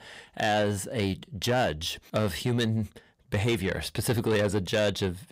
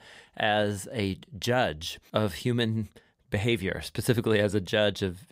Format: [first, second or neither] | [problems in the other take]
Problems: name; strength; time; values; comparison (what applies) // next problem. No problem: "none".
second | distortion; slight; 10 dB below the speech